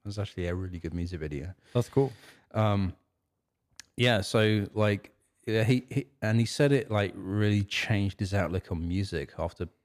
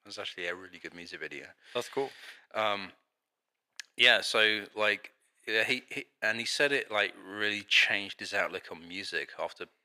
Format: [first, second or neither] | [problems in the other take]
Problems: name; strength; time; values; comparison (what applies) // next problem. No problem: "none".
first | thin; very; fading below 550 Hz